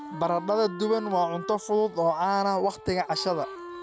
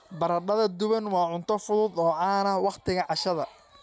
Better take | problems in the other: second | background sound (Wind instrument, woodwind instrument); 14 dB below the speech

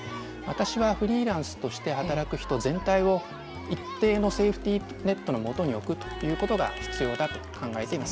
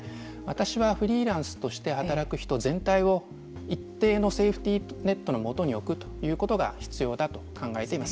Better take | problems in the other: second | background sound (Crowd); 13 dB below the speech

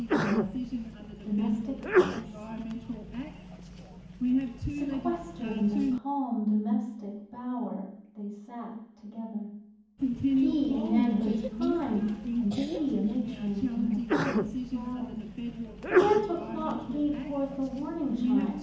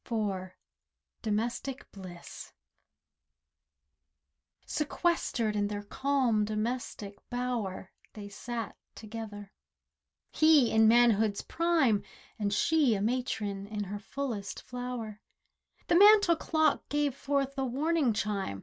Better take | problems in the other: second | background sound (Sneeze); as loud as the speech // room echo; dies away in 1.2 s

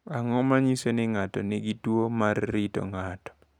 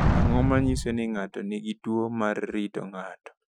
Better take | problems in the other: first | noise reduction (classical method Wiener filter)

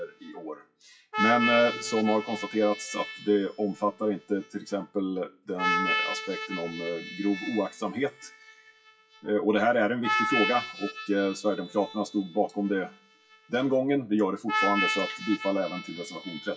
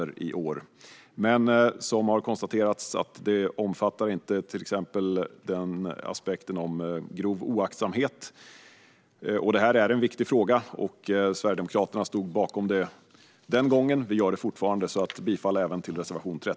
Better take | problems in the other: second | noise reduction (classical method WPE with log-MMSE)

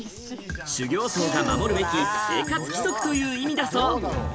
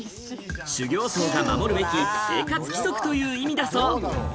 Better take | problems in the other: second | background sound (Bell); 17 dB below the speech

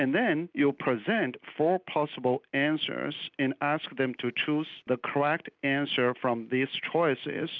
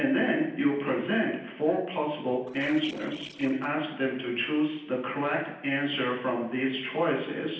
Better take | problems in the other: first | noise reduction (neural separator model SepFormer DNS4)

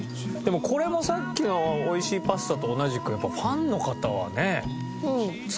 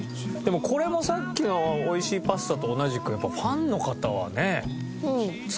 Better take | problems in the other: second | background sound (Wind instrument, woodwind instrument); 19 dB below the speech

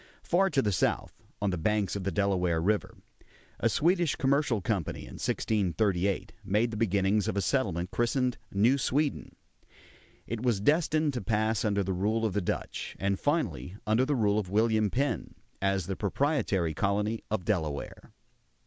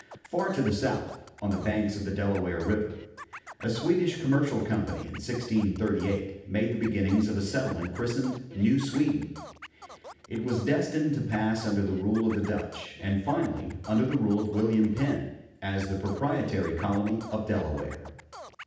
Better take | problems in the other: first | background sound (Scratching (performance technique)); 19 dB below the speech // room echo; dies away in 0.8 s

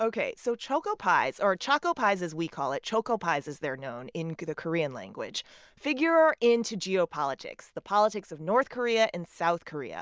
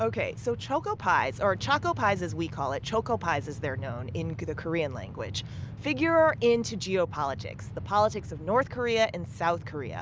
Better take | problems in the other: first | background sound (Train); 10 dB below the speech

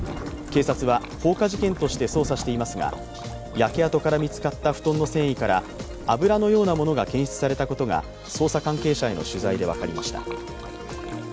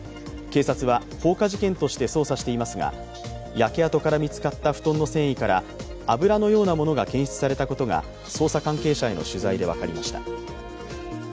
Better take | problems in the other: second | background sound (Splash, splatter + Thunder); 15 dB below the speech

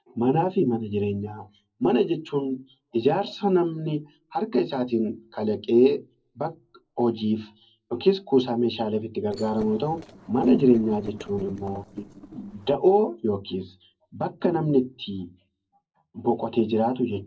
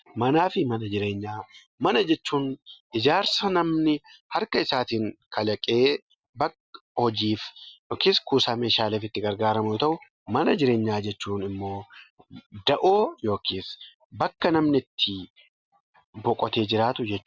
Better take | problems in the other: second | noise reduction (neural separator model SepFormer DNS4)

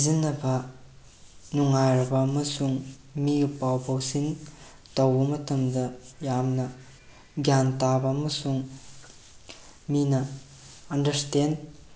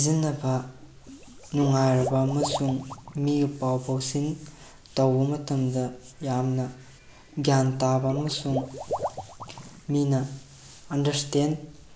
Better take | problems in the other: first | background sound (Water / Liquid); 11 dB below the speech

